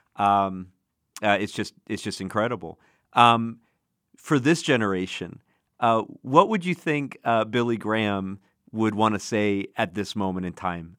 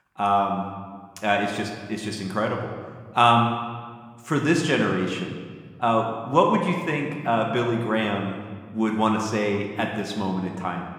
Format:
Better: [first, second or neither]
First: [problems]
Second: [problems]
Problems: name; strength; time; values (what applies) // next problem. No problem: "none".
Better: first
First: none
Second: room echo; noticeable; dies away in 1.3 s